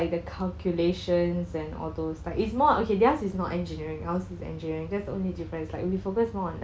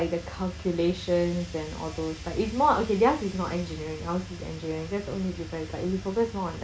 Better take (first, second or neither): first